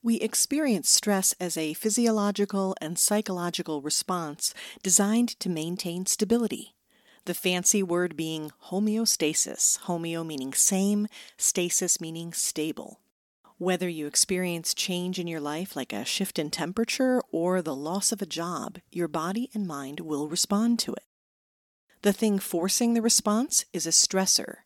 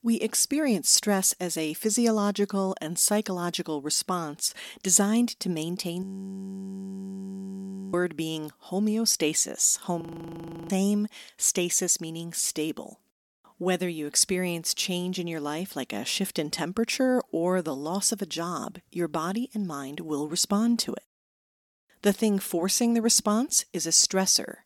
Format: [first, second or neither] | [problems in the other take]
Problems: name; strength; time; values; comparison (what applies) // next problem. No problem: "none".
first | audio freezing; at 6 s for 2 s and at 10 s for 0.5 s